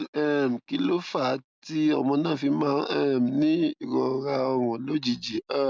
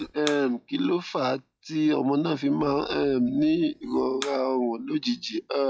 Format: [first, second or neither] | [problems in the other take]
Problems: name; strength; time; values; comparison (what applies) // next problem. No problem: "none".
first | noise reduction (classical method log-MMSE)